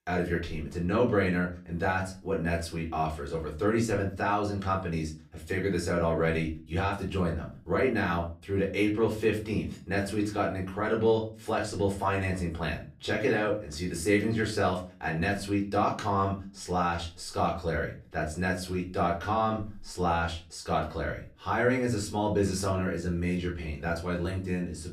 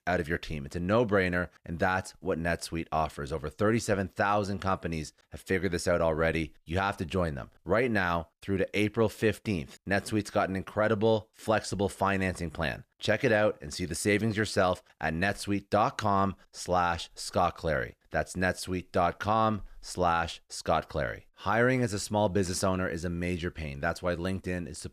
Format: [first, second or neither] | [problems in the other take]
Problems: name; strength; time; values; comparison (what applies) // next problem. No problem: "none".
second | off-mic speech; far // room echo; very slight; dies away in 0.3 s